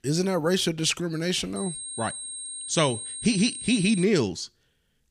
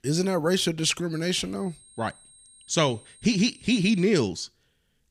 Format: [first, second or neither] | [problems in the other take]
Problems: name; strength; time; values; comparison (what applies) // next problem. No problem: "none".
second | high-pitched whine; loud; from 1.5 to 4 s; 8.5 kHz, 8 dB below the speech; faint in the second